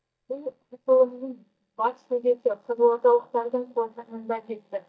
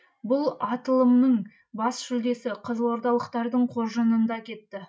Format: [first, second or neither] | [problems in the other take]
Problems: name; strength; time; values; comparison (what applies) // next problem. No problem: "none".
second | noise reduction (neural mask model DeepFilterNet 3)